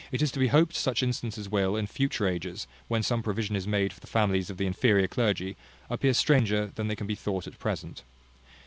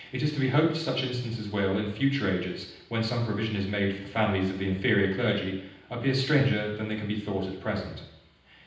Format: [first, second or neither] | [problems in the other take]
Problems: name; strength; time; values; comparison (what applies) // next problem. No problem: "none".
first | room echo; dies away in 0.9 s